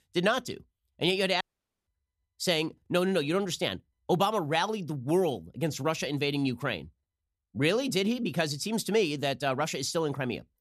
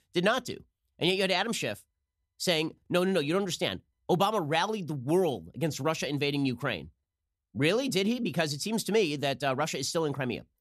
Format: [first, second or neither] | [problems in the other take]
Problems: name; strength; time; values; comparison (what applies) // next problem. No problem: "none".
second | audio cutting out; at 1.5 s